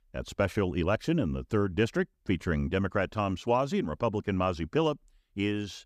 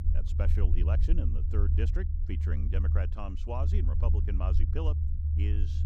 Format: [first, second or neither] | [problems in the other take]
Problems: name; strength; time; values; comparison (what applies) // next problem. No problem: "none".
first | low rumble; loud; throughout; 4 dB below the speech